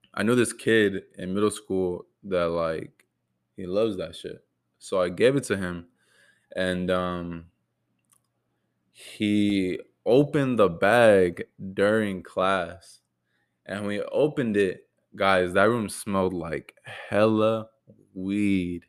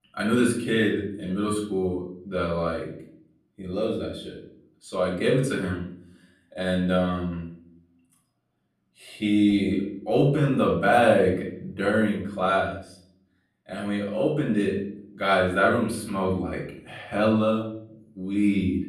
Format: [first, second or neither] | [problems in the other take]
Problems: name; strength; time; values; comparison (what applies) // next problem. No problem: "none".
first | off-mic speech; far // room echo; noticeable; dies away in 0.5 s